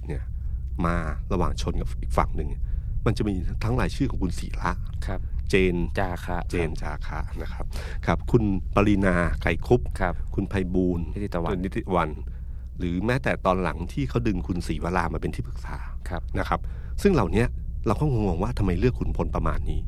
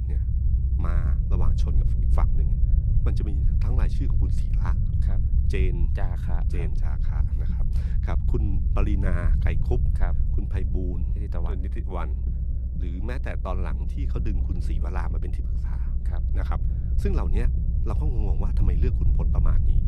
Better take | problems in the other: first | low rumble; loud; throughout; 4 dB below the speech; faint in the first

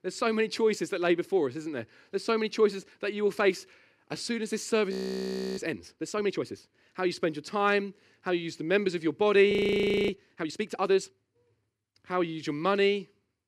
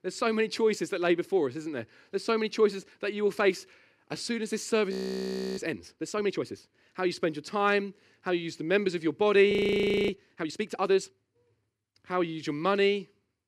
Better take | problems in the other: neither | audio freezing; at 5 s for 0.5 s and at 9.5 s for 0.5 s; the same in both

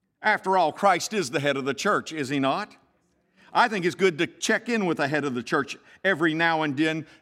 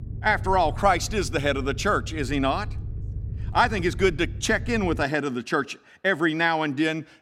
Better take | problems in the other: first | low rumble; faint; until 5 s; 25 dB below the speech

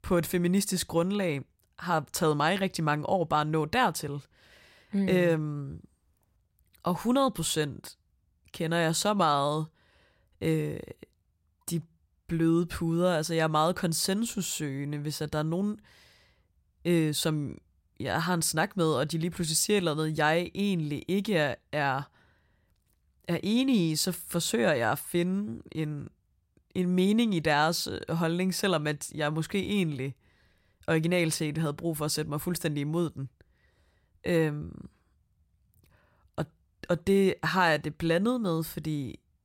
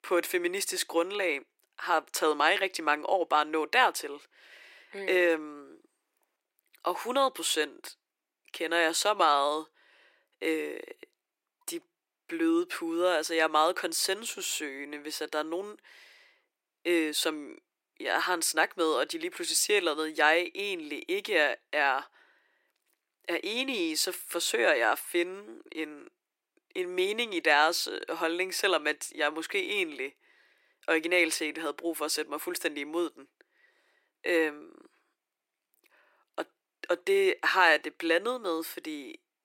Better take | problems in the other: first | thin; very; fading below 350 Hz

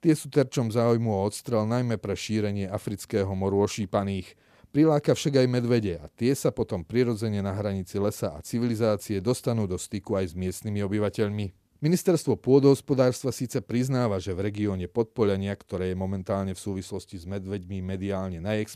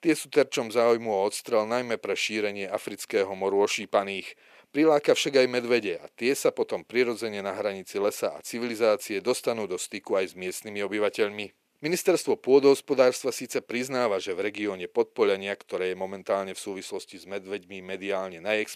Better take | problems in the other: first | thin; somewhat; fading below 450 Hz

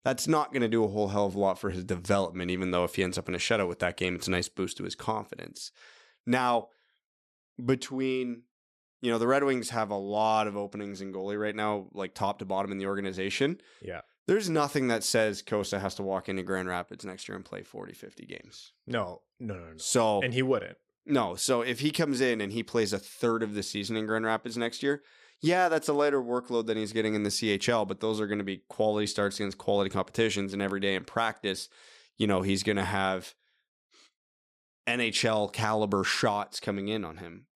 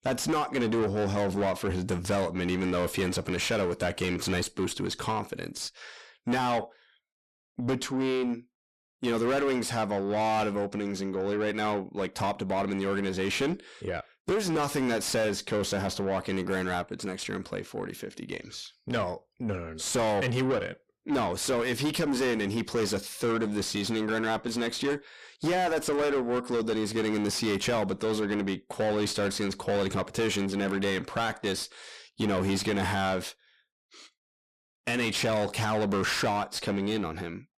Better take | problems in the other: first | distortion; heavy; 6 dB below the speech

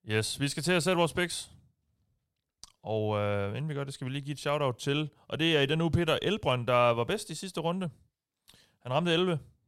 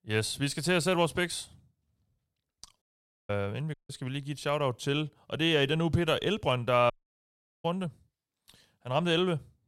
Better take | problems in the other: first | audio cutting out; at 3 s, at 3.5 s and at 7 s for 0.5 s

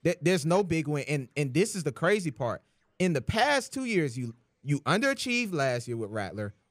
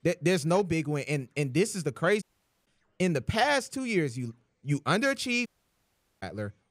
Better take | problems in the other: first | audio cutting out; at 2 s and at 5.5 s for 1 s

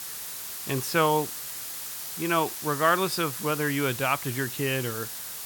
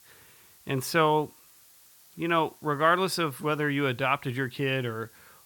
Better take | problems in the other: second | hiss; loud; throughout; 7 dB below the speech; faint in the second

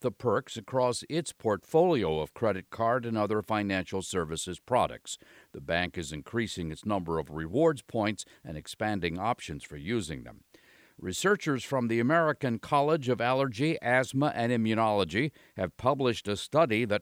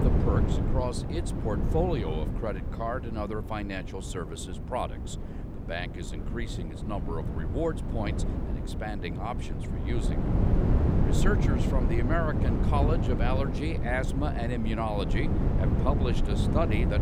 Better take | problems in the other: first | wind noise on the microphone; heavy; 4 dB below the speech

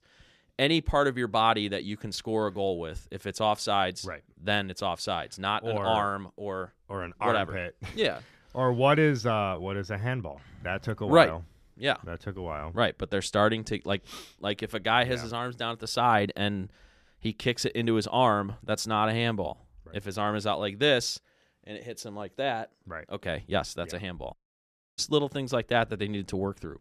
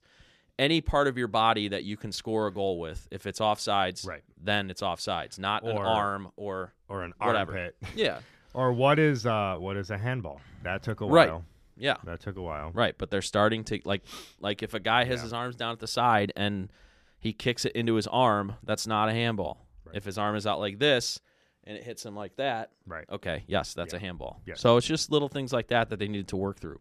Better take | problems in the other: second | audio cutting out; at 24 s for 0.5 s

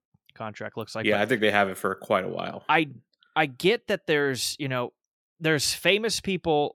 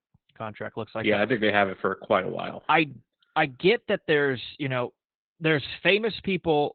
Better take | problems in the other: first | garbled, watery; badly; nothing above 4 kHz

